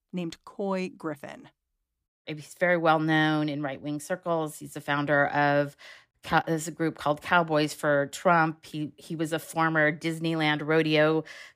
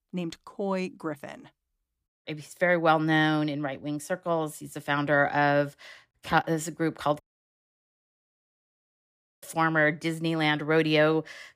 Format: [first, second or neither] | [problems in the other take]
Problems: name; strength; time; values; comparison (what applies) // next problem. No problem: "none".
first | audio cutting out; at 7 s for 2 s